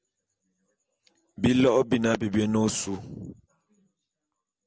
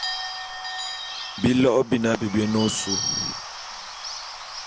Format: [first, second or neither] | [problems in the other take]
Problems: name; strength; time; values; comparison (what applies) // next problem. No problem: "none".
first | background sound (Bird / Bell); 7 dB below the speech